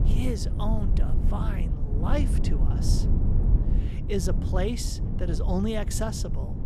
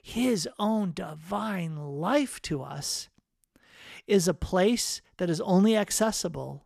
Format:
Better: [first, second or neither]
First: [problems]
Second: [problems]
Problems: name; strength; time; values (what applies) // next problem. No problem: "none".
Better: second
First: low rumble; loud; throughout; 6 dB below the speech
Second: none